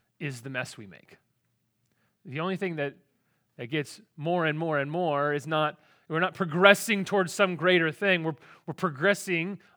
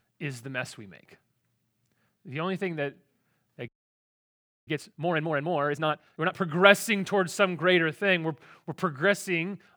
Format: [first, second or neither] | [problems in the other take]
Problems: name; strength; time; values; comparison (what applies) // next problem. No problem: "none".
first | audio freezing; at 3.5 s for 1 s